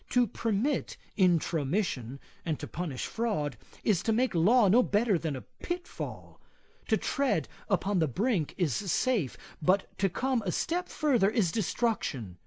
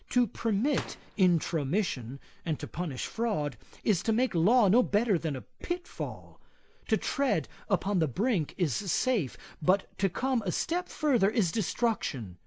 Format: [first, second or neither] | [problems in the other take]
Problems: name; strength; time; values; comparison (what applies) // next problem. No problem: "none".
first | background sound (Gunshot, gunfire); 19 dB below the speech